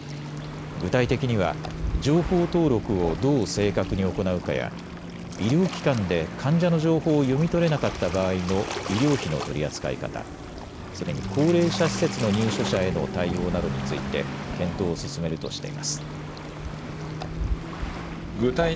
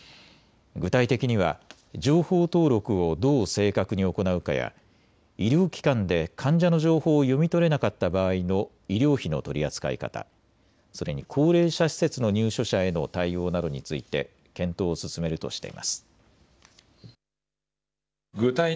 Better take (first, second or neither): second